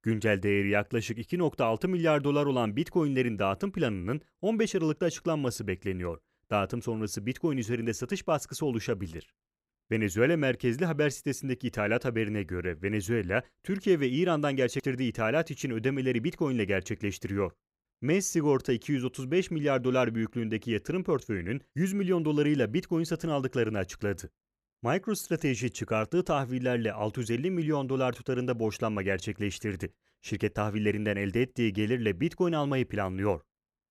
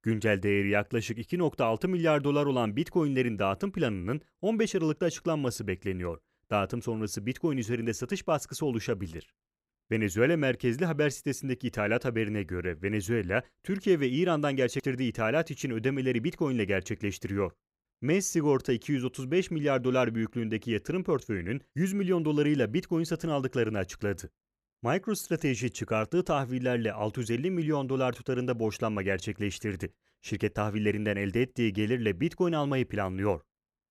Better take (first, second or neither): neither